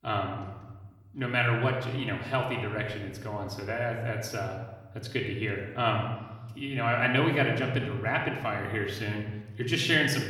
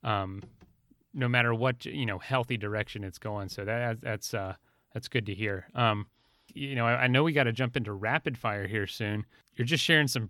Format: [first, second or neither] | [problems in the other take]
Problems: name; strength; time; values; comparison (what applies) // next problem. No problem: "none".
second | room echo; noticeable; dies away in 1 s // off-mic speech; somewhat distant